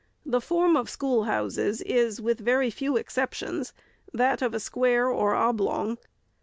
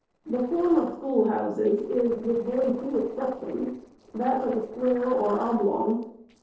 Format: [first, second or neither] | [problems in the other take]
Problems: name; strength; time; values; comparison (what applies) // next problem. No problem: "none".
first | noise reduction (neural separator model SepFormer DNS4)